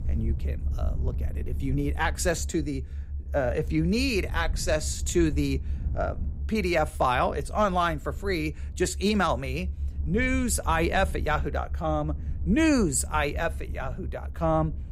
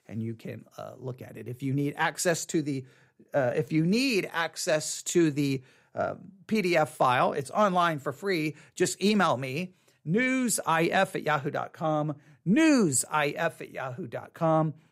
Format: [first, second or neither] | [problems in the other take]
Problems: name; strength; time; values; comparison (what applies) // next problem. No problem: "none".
second | low rumble; faint; throughout; 25 dB below the speech